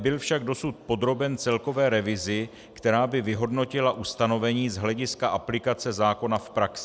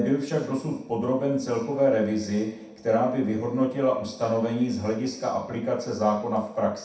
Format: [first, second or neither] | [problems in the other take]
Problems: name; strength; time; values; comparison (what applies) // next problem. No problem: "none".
first | room echo; dies away in 0.7 s